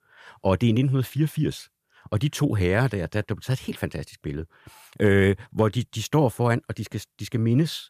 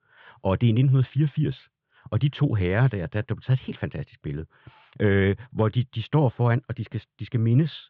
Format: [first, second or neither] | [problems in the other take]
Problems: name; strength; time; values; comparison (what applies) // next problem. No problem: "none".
first | muffled; very; fading above 3.5 kHz